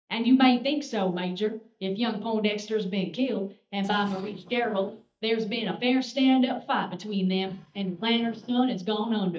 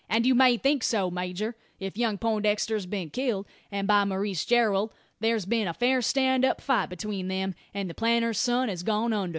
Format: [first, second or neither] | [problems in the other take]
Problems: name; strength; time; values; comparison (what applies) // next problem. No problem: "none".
second | noise reduction (neural mask model DeepFilterNet 3)